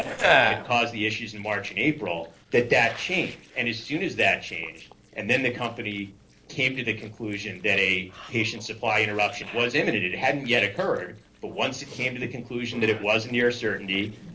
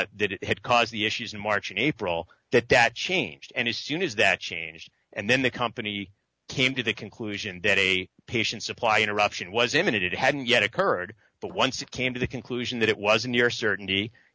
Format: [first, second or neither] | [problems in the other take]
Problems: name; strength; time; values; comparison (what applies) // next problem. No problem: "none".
second | noise reduction (neural separator model SepFormer DNS4)